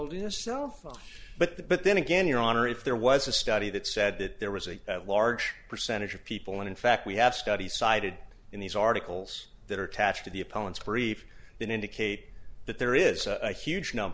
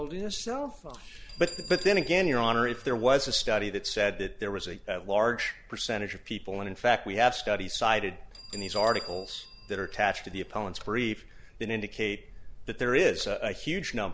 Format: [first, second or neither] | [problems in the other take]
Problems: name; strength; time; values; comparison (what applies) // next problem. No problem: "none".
first | background sound (Bell); 20 dB below the speech